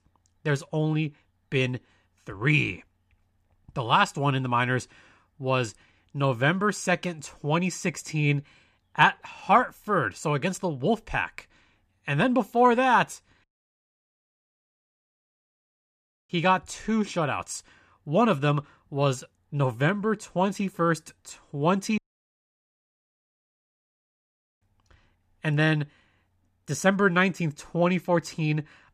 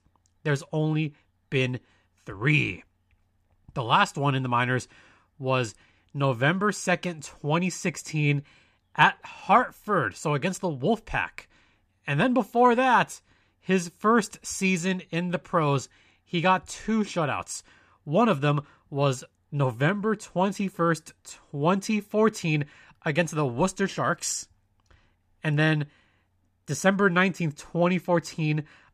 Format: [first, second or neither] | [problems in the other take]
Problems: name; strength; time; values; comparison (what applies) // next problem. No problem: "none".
second | audio cutting out; at 13 s for 3 s and at 22 s for 2.5 s